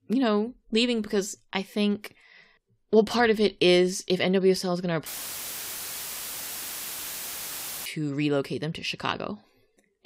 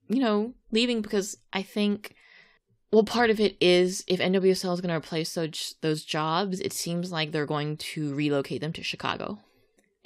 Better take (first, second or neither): second